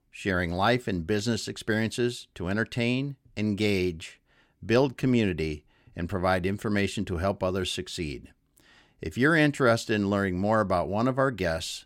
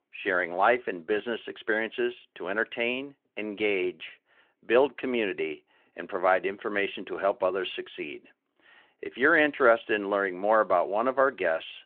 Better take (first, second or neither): first